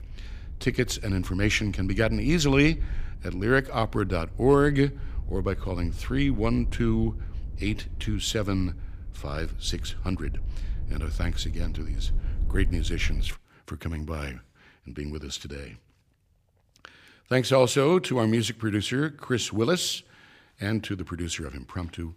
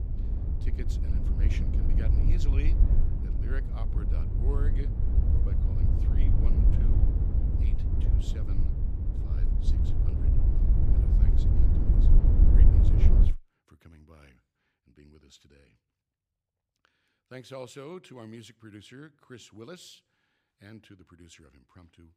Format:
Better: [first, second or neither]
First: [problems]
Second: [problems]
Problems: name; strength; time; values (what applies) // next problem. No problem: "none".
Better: first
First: wind noise on the microphone; occasional gusts; until 13 s; 25 dB below the speech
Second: wind noise on the microphone; heavy; until 13 s; 5 dB above the speech